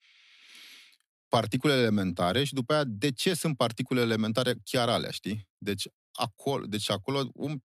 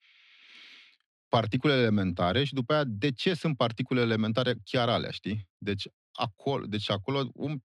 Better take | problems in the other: first | muffled; very slightly; fading above 3.5 kHz

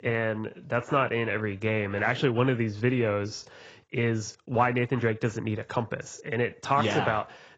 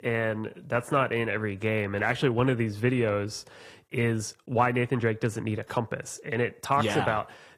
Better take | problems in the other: second | garbled, watery; badly; nothing above 7.5 kHz; slightly in the second

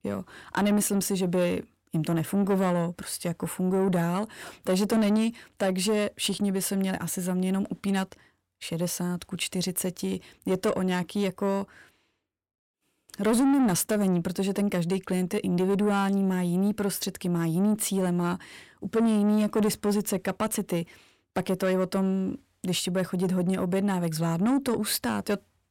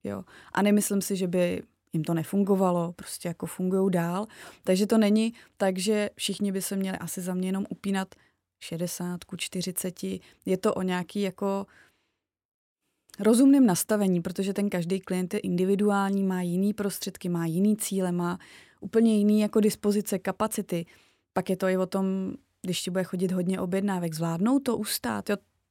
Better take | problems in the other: second | distortion; slight; 10 dB below the speech

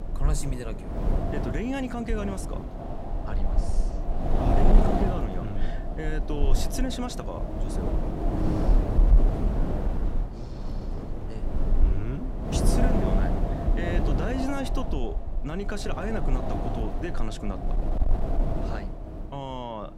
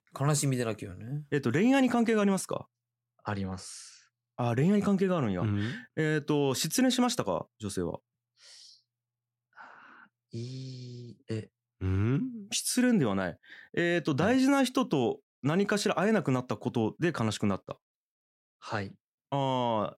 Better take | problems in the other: second | wind noise on the microphone; heavy; 1 dB above the speech

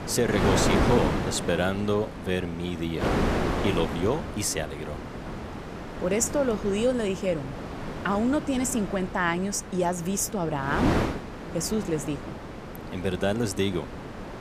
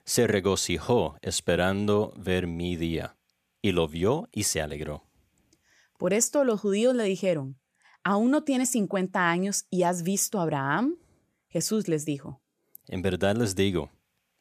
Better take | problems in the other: second | wind noise on the microphone; heavy; 4 dB below the speech

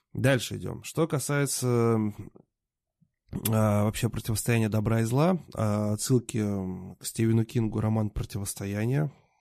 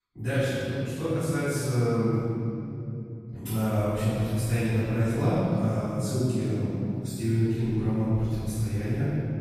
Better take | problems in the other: first | off-mic speech; far // room echo; strong; dies away in 3 s

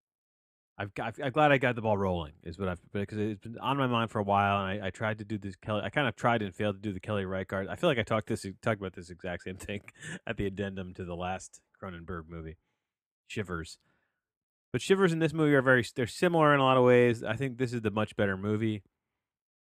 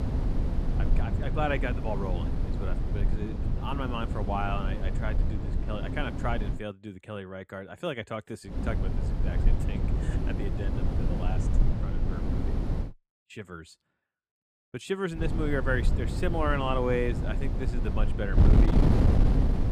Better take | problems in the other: first | wind noise on the microphone; heavy; until 6.5 s, from 8.5 to 13 s and from 15 s on; 5 dB below the speech

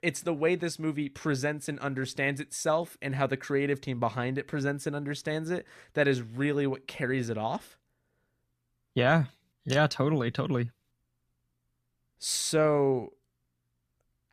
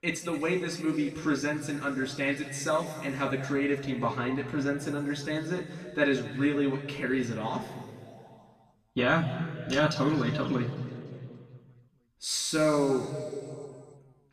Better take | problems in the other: first | room echo; noticeable; dies away in 2.3 s // off-mic speech; far

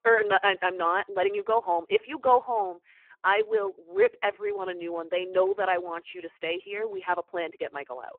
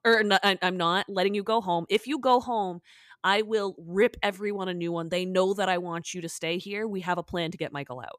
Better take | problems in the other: second | phone-call audio; poor line

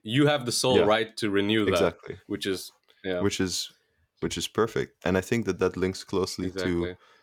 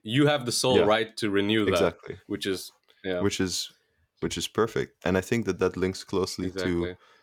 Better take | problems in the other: neither | none

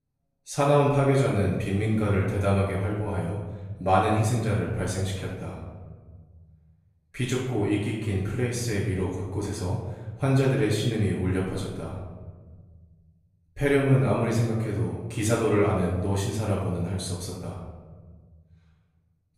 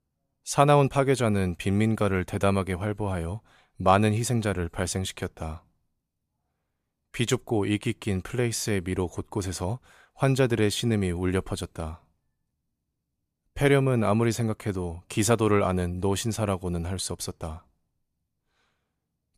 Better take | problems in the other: second | off-mic speech; far // room echo; noticeable; dies away in 1.4 s

